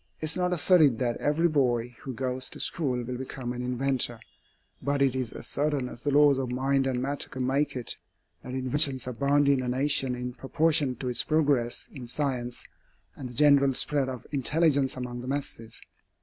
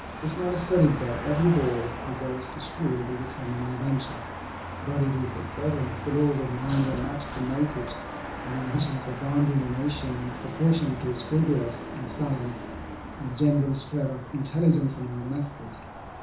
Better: first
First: none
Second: background sound (Car passing by / Traffic noise, roadway noise / Engine); 9 dB below the speech // room echo; dies away in 0.7 s

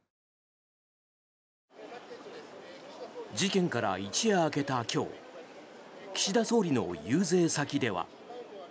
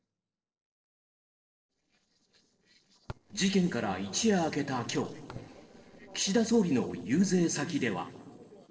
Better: first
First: none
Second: noise reduction (neural separator model SepFormer DNS4)

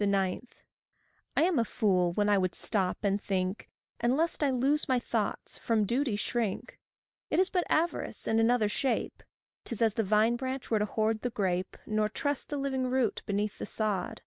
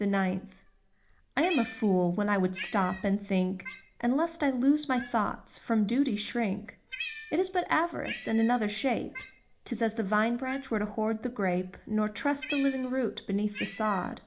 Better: first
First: none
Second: background sound (Cat); 16 dB below the speech // room echo; dies away in 0.4 s

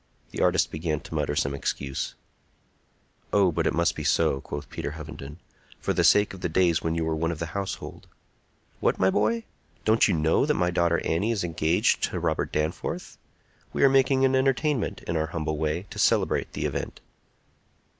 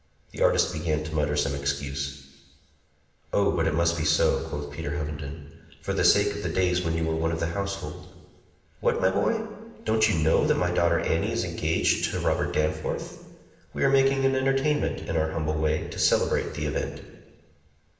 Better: first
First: none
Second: room echo; dies away in 1.2 s

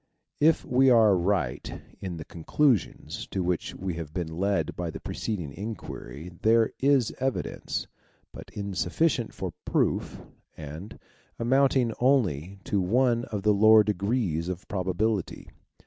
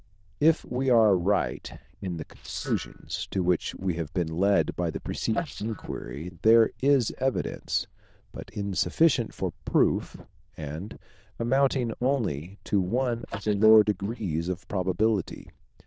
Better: first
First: none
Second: noise reduction (neural diffusion model UNIVERSE++)

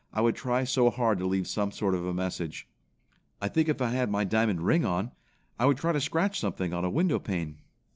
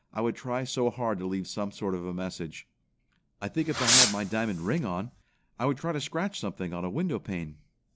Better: first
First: none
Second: background sound (Fireworks); 3 dB above the speech

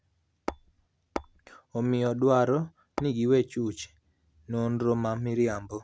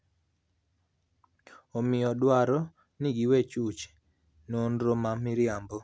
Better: second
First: background sound (Tap / Hammer); 10 dB below the speech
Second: none

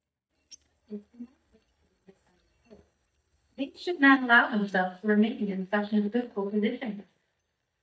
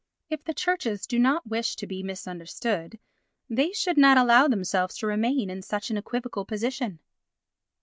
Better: second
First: noise reduction (neural mask model DeepFilterNet 3)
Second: none

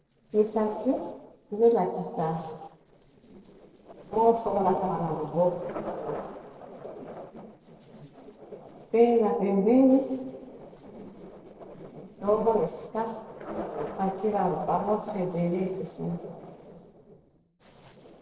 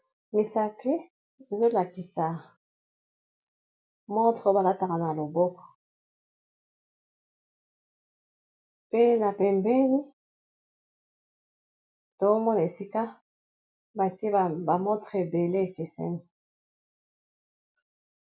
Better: second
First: noise reduction (neural separator model SepFormer DNS4)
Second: none

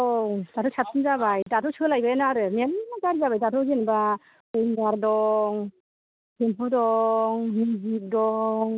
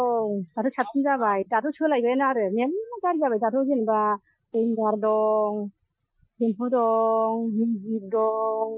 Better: first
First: none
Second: noise reduction (classical method Wiener filter)

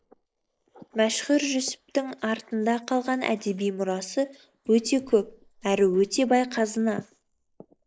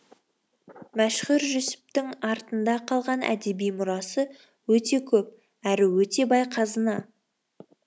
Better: second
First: noise reduction (neural mask model Resemble Enhance denoiser)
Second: none

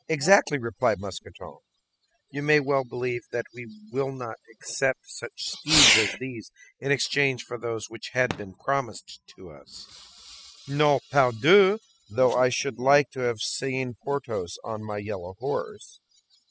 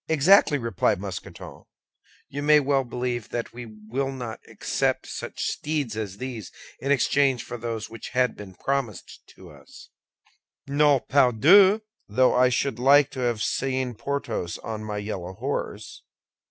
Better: second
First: noise reduction (classical method spectral subtraction)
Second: none

